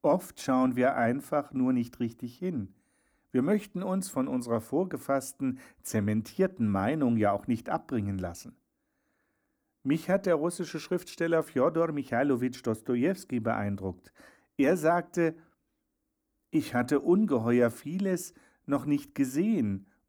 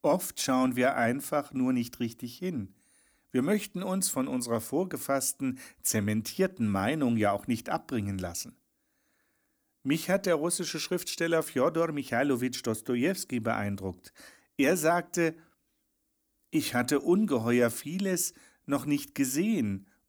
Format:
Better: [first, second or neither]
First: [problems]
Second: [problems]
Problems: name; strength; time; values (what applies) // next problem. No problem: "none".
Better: second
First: muffled; slightly; fading above 2 kHz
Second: none